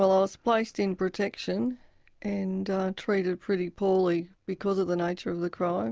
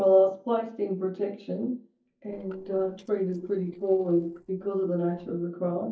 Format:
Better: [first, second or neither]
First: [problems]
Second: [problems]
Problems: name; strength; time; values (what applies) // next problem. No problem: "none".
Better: first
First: none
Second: noise reduction (neural mask model DeepFilterNet 3)